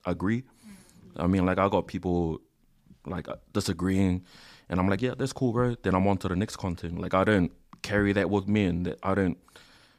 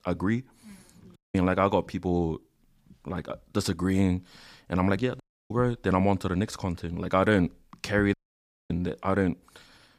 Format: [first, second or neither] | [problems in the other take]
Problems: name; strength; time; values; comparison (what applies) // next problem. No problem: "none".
first | audio cutting out; at 1 s, at 5 s and at 8 s for 0.5 s